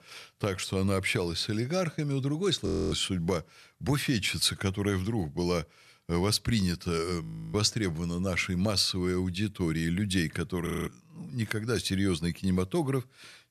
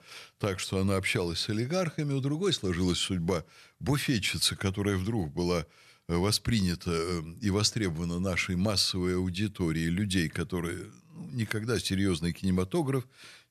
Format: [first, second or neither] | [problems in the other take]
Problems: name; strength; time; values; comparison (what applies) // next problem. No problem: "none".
second | audio freezing; at 2.5 s, at 7 s and at 11 s